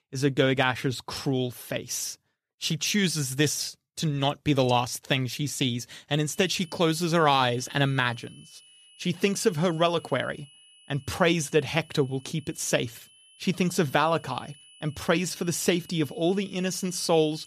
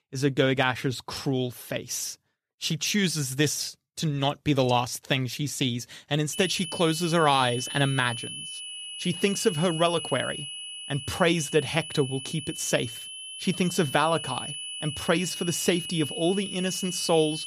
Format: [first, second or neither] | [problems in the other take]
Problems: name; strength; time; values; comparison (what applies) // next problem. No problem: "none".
first | high-pitched whine; loud; from 6.5 s on; 3 kHz, 8 dB below the speech; faint in the first